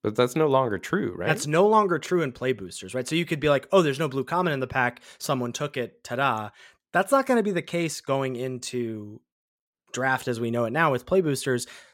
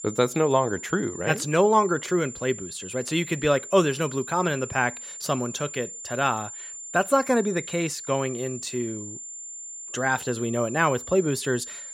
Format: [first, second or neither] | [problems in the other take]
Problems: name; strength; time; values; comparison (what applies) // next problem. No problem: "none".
first | high-pitched whine; noticeable; throughout; 7 kHz, 10 dB below the speech